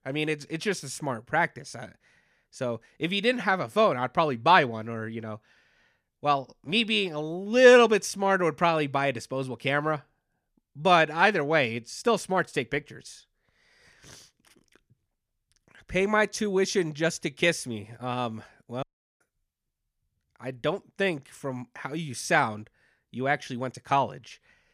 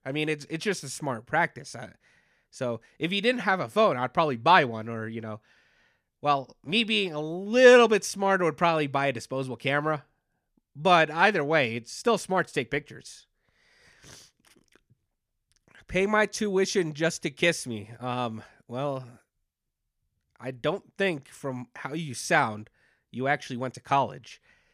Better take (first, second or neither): second